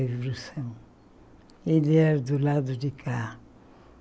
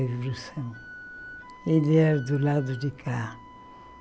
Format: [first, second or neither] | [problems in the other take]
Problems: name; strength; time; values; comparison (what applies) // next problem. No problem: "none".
first | background sound (Wind instrument, woodwind instrument); 19 dB below the speech